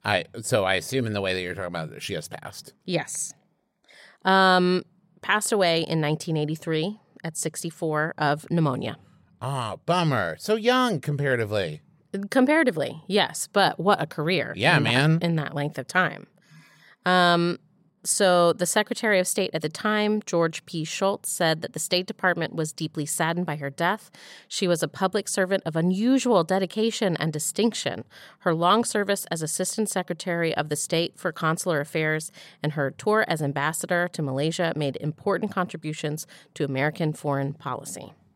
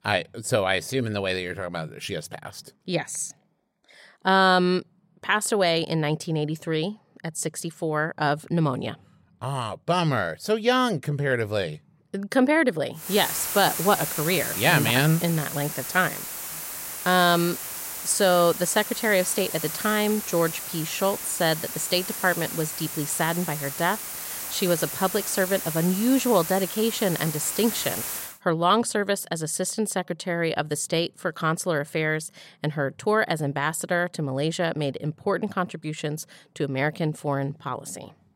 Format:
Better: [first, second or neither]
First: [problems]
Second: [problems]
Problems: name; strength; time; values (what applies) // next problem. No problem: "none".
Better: first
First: none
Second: hiss; loud; from 13 to 28 s; 5 dB below the speech